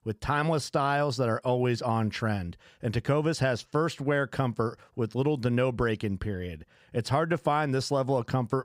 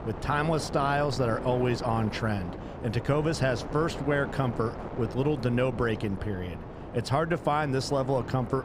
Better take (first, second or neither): first